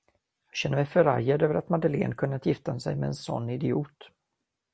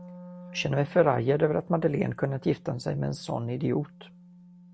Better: first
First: none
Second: background sound (Wind instrument, woodwind instrument); 20 dB below the speech

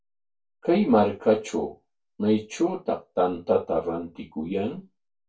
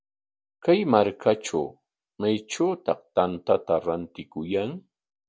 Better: second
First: room echo; dies away in 0.2 s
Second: none

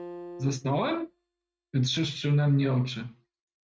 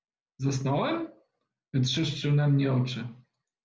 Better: second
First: noise reduction (neural mask model RNNoise)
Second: none

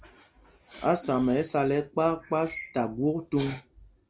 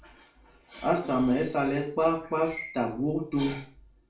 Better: first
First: none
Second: room echo; dies away in 0.4 s

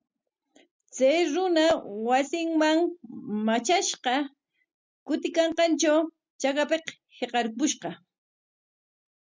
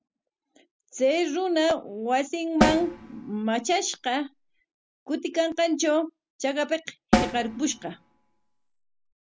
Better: first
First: none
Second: background sound (Snare drum); 2 dB below the speech

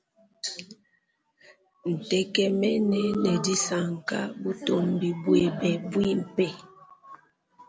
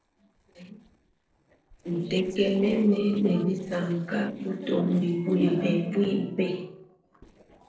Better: first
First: none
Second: noise reduction (neural separator model SepFormer DNS4)

